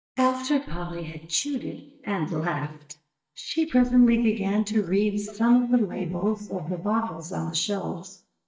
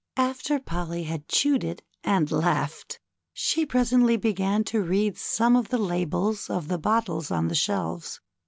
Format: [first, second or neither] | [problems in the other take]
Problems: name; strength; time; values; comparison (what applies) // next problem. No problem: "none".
second | noise reduction (neural mask model DeepFilterNet 3)